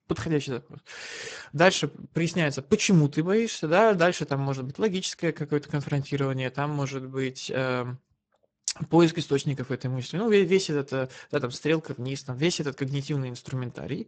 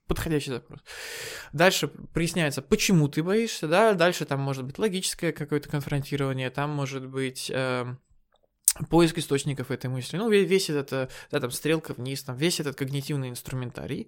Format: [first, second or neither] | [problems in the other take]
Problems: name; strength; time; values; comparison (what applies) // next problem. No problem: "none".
second | garbled, watery; badly; nothing above 8 kHz